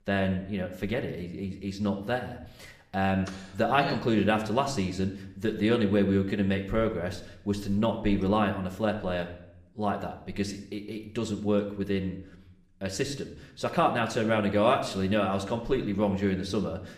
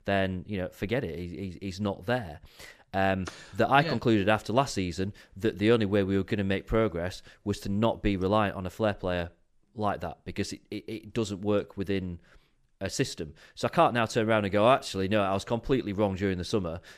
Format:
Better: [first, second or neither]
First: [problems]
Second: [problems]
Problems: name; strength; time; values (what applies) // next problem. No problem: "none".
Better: second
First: room echo; slight; dies away in 0.6 s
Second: none